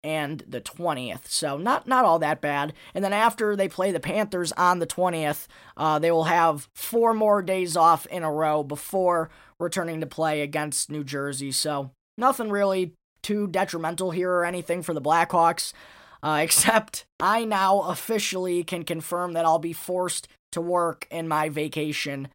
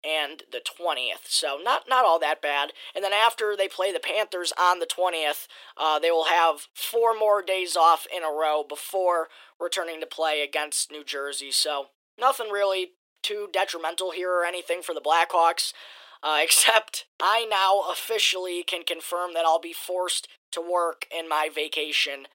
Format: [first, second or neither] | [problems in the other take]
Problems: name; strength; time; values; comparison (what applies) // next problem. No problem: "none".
first | thin; very; fading below 400 Hz